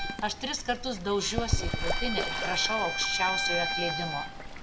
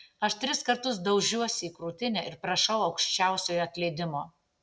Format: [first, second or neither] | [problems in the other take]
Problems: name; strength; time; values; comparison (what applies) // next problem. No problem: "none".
second | background sound (Bowed string instrument + Bird / Fowl); 1 dB above the speech